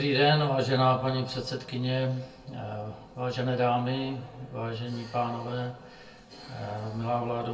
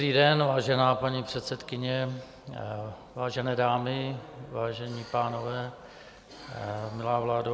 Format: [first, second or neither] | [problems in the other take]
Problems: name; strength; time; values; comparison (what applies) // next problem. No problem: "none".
second | room echo; dies away in 0.2 s